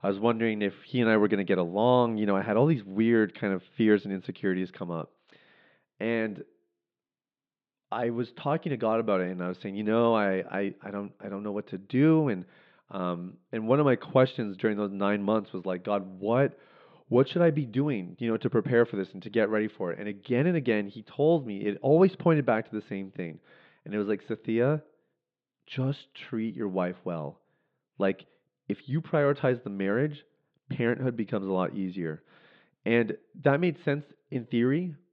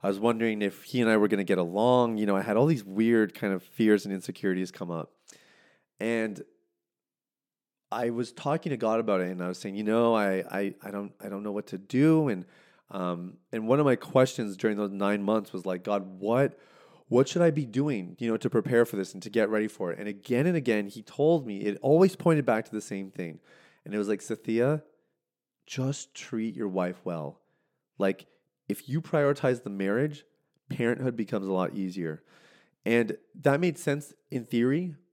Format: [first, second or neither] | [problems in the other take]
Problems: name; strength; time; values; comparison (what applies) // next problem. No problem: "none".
second | muffled; slightly; fading above 3.5 kHz